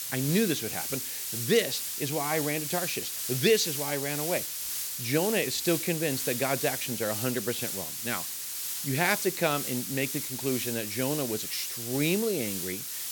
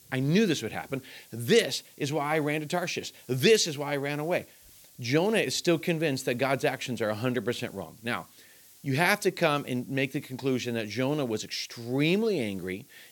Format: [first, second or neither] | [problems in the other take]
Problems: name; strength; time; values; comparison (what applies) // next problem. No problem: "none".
second | hiss; loud; throughout; 2 dB below the speech; faint in the second